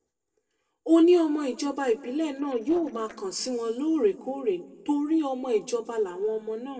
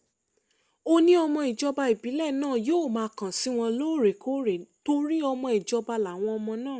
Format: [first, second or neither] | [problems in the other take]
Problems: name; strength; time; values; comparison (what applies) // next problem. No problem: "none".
second | noise reduction (neural separator model SepFormer DNS4)